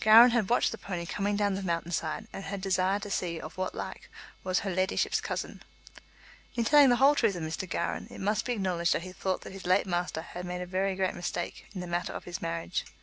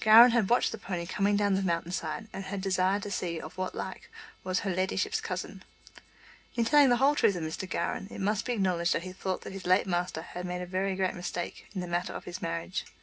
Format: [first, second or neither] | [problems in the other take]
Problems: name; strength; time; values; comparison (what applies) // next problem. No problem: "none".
first | room echo; dies away in 0.3 s